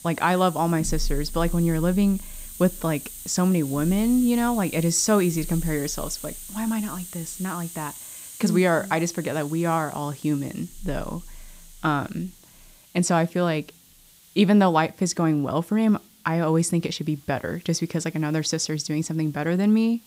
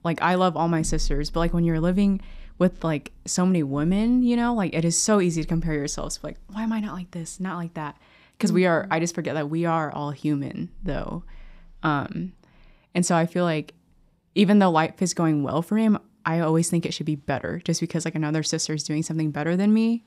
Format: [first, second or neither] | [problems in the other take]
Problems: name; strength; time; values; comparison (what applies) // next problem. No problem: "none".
second | hiss; noticeable; throughout; 15 dB below the speech